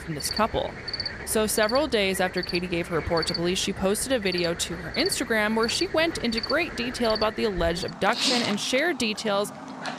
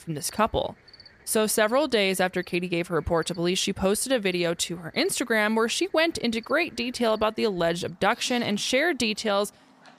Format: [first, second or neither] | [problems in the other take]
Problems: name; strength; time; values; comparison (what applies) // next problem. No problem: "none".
second | animal sounds; loud; throughout; 7 dB below the speech; faint in the second